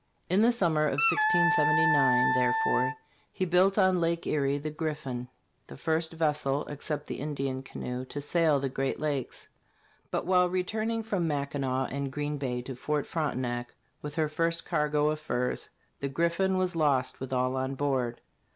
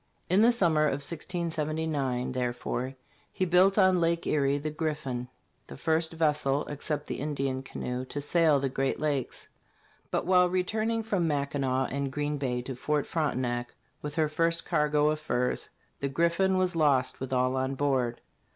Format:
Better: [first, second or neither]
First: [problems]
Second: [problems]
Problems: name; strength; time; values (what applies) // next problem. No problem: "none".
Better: second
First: background sound (Wind instrument, woodwind instrument); 2 dB above the speech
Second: none